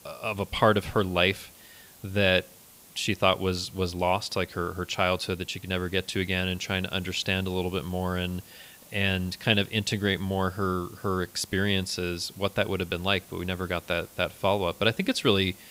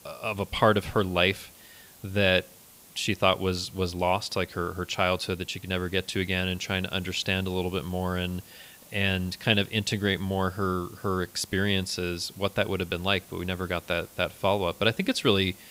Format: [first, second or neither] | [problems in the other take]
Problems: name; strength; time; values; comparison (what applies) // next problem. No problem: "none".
neither | hiss; faint; throughout; 20 dB below the speech; the same in both